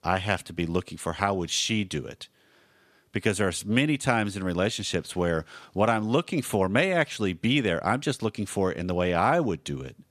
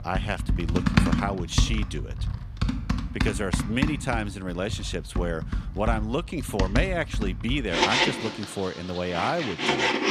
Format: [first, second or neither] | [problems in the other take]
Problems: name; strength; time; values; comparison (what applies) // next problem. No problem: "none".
first | household noises; very loud; throughout; 2 dB above the speech